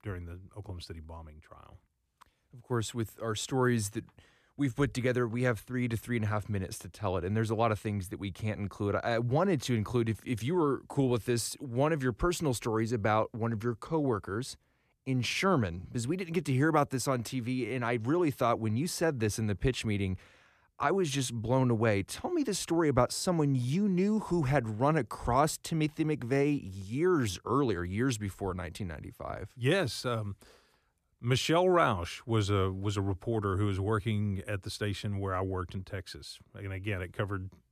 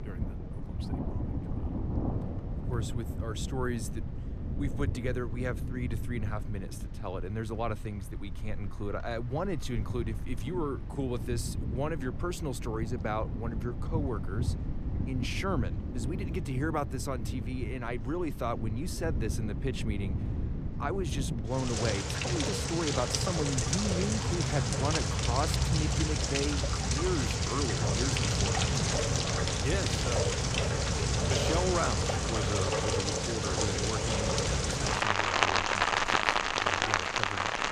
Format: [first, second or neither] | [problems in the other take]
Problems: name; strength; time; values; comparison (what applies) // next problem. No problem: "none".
first | rain or running water; very loud; throughout; 4 dB above the speech